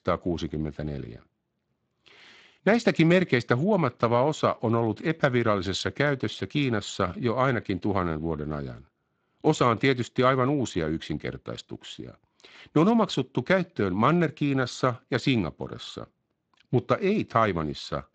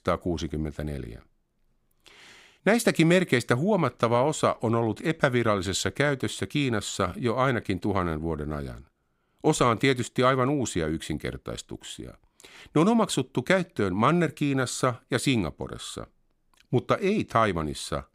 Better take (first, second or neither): second